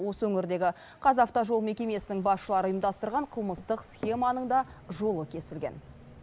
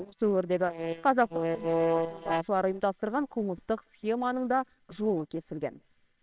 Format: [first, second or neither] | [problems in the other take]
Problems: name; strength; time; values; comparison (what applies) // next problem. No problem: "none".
first | noise reduction (neural separator model SepFormer WHAMR!)